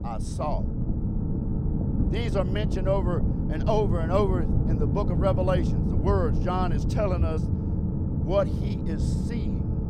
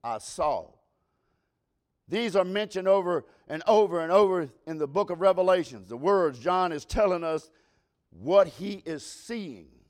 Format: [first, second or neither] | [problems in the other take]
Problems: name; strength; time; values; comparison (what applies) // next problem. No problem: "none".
second | low rumble; loud; throughout; 7 dB below the speech